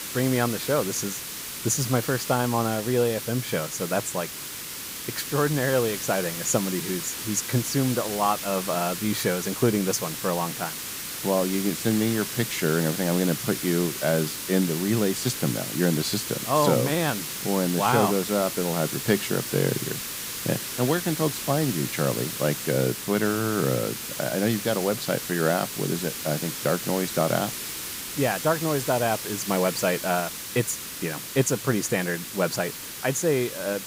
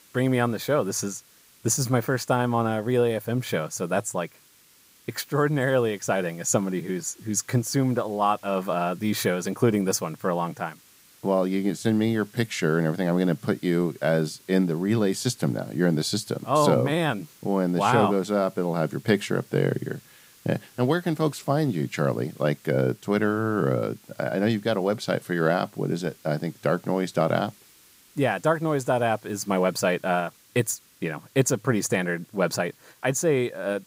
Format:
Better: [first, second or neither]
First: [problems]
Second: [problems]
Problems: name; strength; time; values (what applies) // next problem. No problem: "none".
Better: second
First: hiss; loud; throughout; 5 dB below the speech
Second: hiss; faint; throughout; 25 dB below the speech